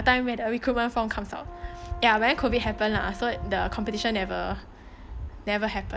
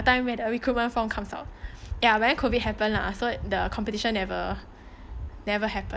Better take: second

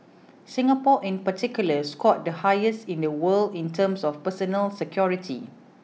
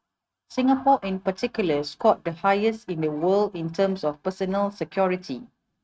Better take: first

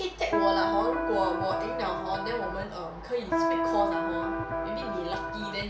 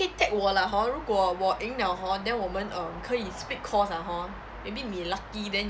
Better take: second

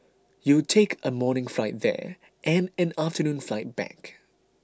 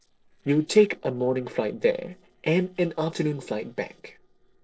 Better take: first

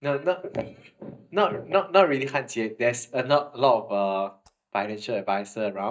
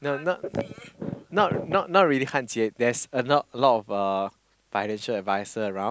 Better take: second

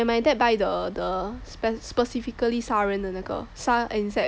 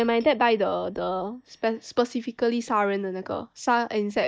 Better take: first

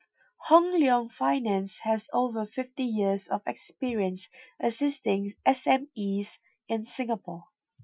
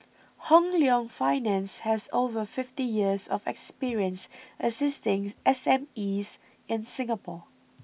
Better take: second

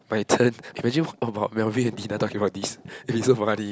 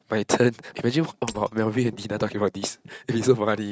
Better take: first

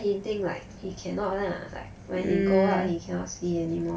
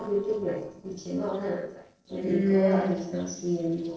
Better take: first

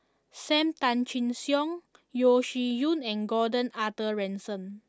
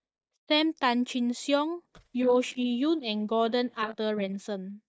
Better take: first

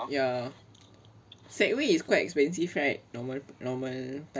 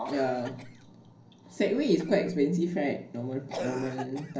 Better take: first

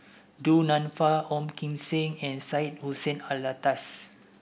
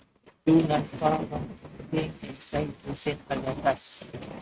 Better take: first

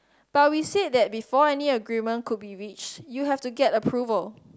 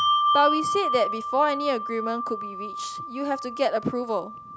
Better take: first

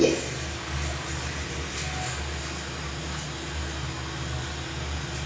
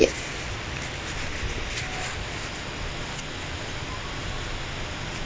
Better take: second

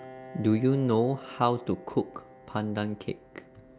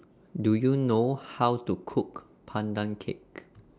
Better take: second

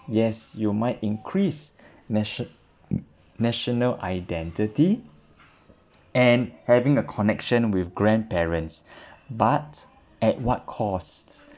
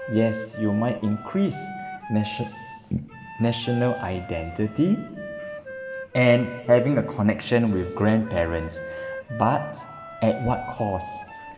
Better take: first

